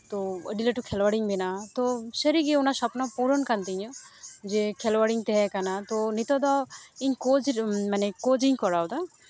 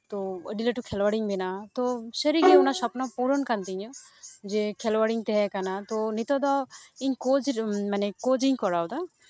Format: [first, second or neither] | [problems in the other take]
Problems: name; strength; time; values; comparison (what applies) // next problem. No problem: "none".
first | noise reduction (neural mask model RNNoise)